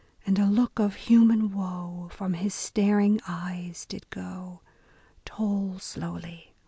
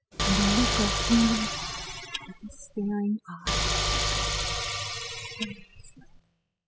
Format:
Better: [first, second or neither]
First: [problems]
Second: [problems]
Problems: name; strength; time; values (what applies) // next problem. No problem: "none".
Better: first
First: none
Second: noise reduction (classical method spectral subtraction)